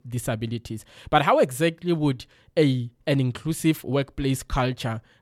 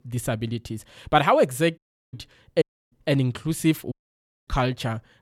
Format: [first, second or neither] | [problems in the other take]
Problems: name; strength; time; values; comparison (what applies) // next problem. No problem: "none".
first | audio cutting out; at 2 s, at 2.5 s and at 4 s for 0.5 s